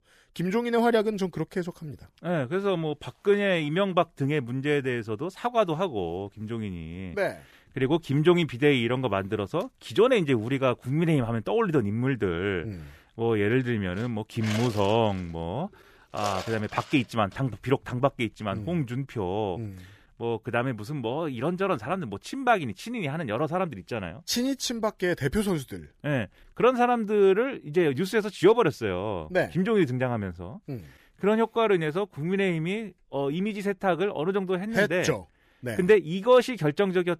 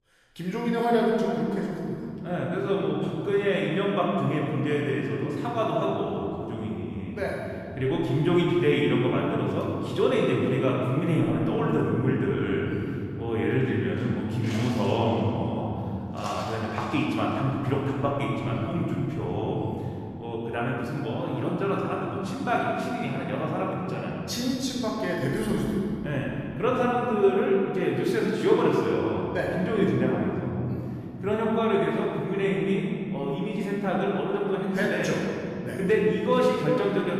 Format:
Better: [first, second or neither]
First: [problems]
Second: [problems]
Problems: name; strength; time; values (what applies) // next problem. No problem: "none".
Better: first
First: none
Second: room echo; strong; dies away in 3 s // off-mic speech; far